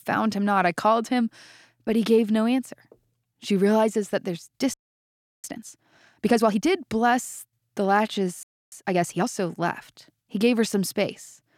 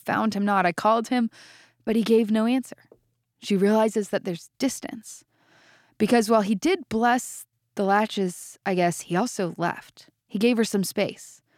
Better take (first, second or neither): second